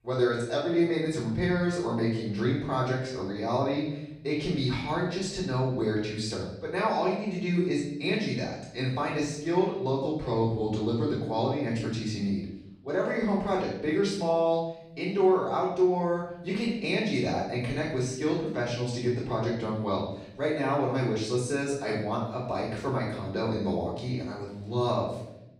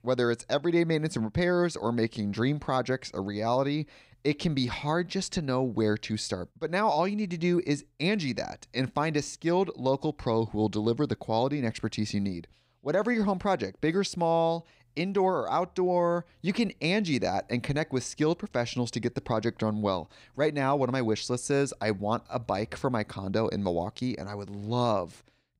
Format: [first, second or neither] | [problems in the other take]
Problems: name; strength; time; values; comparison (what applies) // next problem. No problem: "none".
second | room echo; noticeable; dies away in 0.7 s // off-mic speech; far